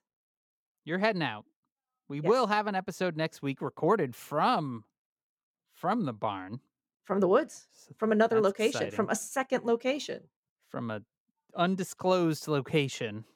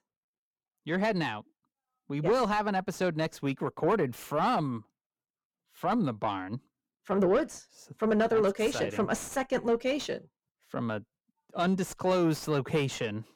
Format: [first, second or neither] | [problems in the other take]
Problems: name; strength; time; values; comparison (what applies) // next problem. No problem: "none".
first | distortion; slight; 10 dB below the speech